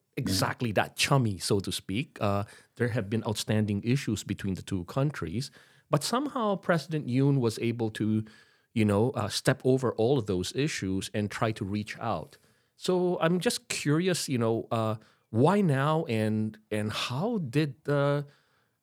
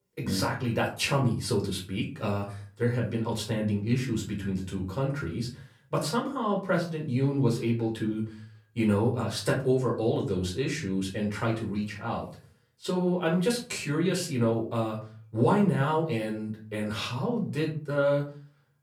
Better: first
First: none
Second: off-mic speech; far // room echo; slight; dies away in 0.3 s

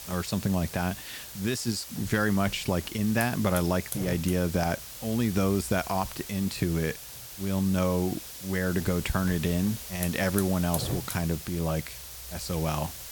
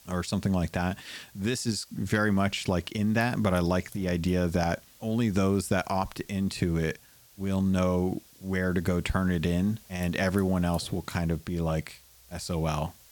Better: second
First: hiss; loud; throughout; 9 dB below the speech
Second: hiss; faint; throughout; 25 dB below the speech

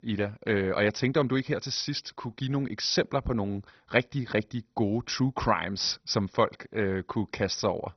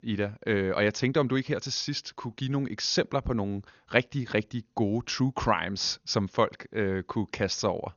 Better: second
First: garbled, watery; badly; nothing above 6 kHz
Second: garbled, watery; slightly; nothing above 6.5 kHz

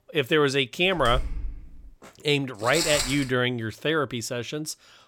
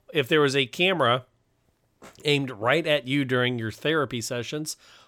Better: second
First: door banging; noticeable; at 1 s; peak 9 dB below the speech // footsteps; noticeable; at 2.5 s; peak level with the speech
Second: none

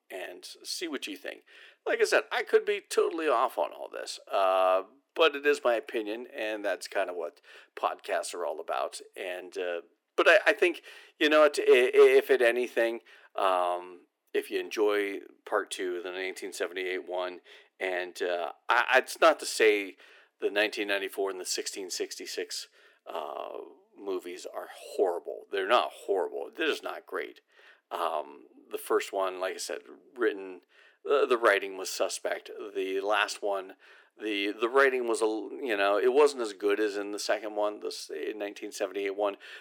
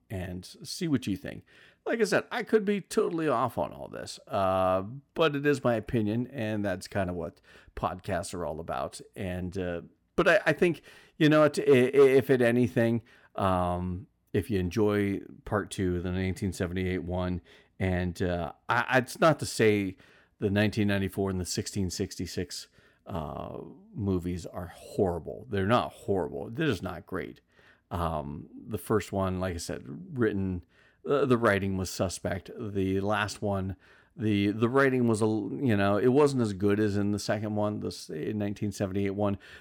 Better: second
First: thin; very; fading below 350 Hz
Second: none

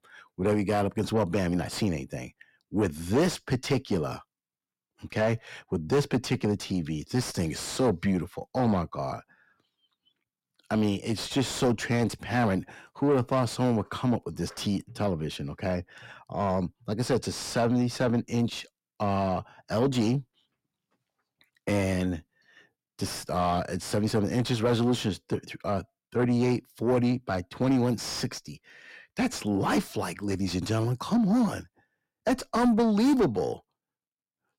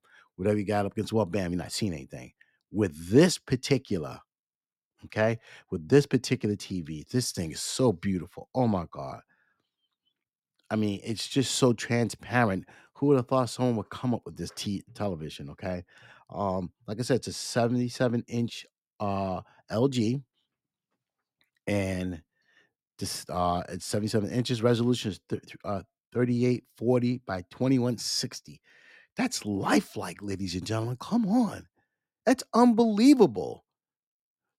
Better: second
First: distortion; heavy; 7 dB below the speech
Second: none

